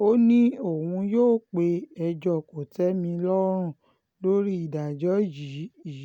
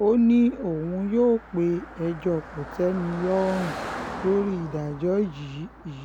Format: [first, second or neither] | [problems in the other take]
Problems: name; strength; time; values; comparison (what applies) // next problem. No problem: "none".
first | background sound (Car passing by); 13 dB below the speech